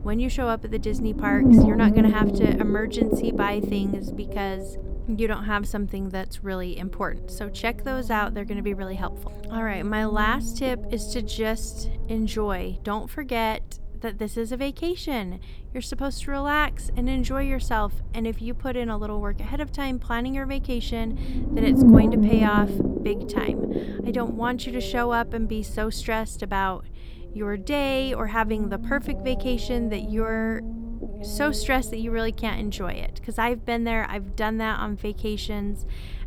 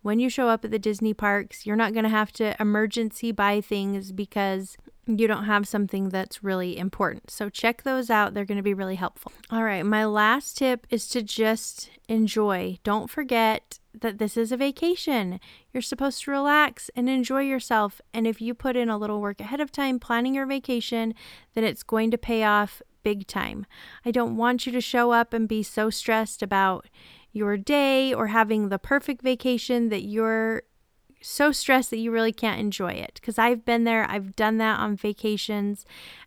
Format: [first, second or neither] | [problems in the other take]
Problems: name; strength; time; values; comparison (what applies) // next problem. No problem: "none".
second | low rumble; loud; throughout; as loud as the speech